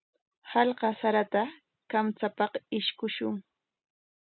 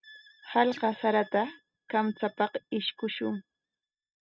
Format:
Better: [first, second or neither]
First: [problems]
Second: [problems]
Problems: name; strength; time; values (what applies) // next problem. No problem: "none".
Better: first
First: none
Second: noise reduction (neural mask model RNNoise)